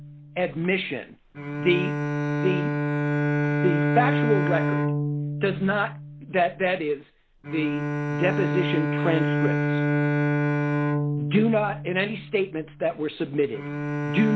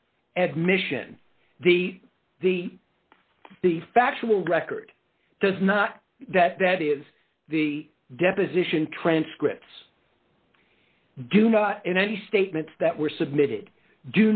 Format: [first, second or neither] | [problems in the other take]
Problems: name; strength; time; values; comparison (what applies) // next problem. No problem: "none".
second | background sound (Bowed string instrument); 1 dB above the speech